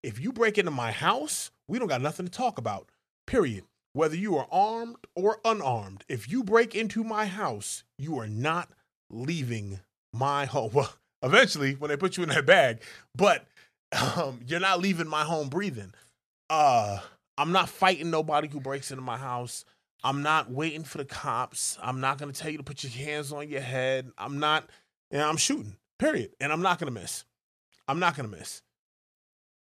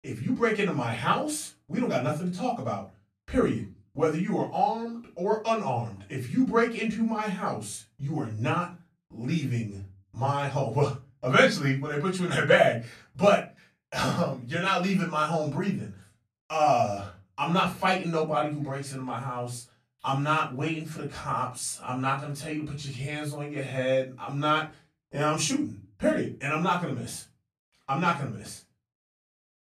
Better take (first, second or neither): first